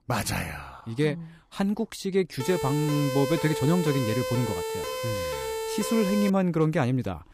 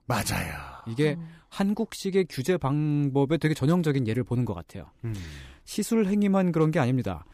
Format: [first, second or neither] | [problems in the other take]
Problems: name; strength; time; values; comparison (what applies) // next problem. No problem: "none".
second | siren; noticeable; from 2.5 to 6.5 s; peak 4 dB below the speech